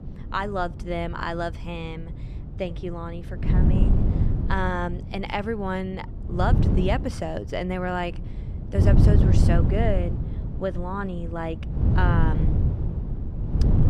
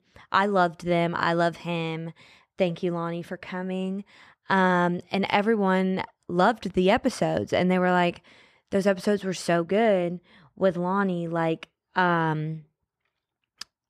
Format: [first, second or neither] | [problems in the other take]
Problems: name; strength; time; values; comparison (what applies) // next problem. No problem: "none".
second | wind noise on the microphone; heavy; 6 dB below the speech